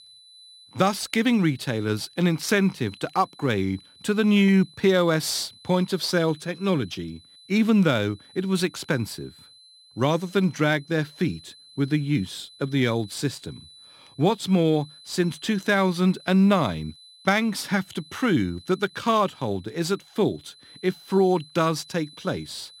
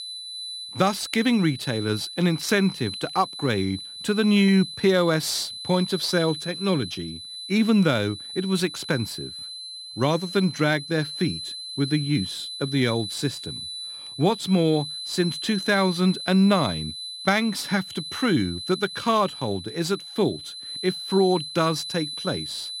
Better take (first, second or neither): first